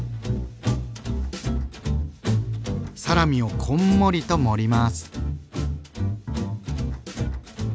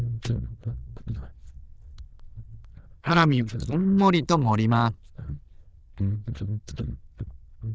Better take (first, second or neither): first